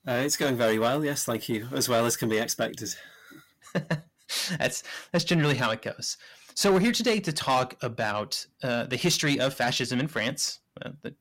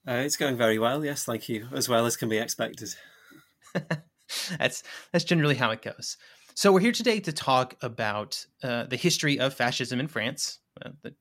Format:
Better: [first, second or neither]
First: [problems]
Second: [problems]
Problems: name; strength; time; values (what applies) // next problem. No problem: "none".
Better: second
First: distortion; slight; 10 dB below the speech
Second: none